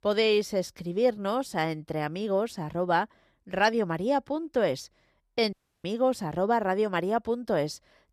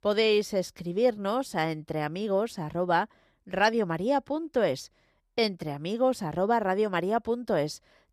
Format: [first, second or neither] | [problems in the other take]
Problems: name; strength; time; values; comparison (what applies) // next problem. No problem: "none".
second | audio cutting out; at 5.5 s